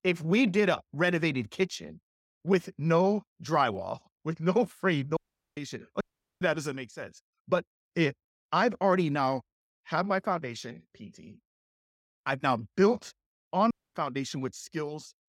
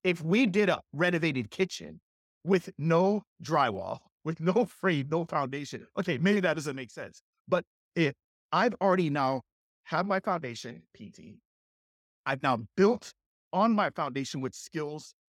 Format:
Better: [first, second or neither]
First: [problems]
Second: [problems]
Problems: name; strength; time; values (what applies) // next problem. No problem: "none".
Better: second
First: audio cutting out; at 5 s, at 6 s and at 14 s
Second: none